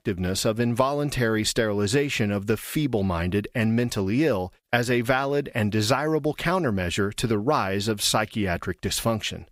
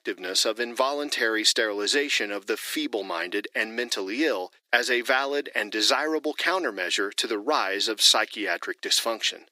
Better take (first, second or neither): first